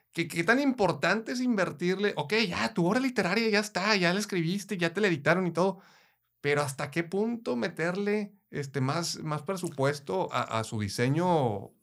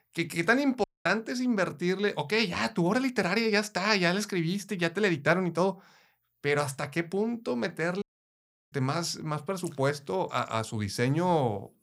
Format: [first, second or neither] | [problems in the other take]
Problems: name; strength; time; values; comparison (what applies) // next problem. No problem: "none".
first | audio cutting out; at 1 s and at 8 s for 0.5 s